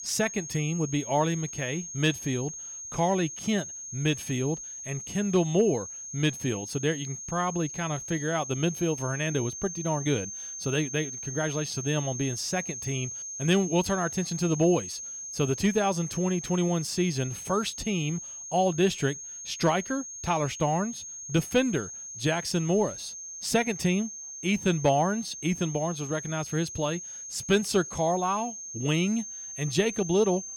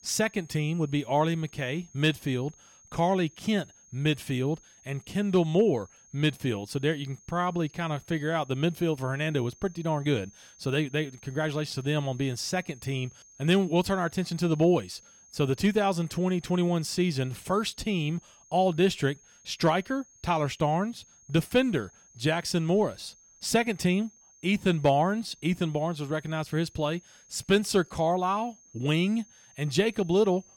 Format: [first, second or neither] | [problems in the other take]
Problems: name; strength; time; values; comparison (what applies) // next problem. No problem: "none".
second | high-pitched whine; loud; throughout; 6.5 kHz, 8 dB below the speech; faint in the second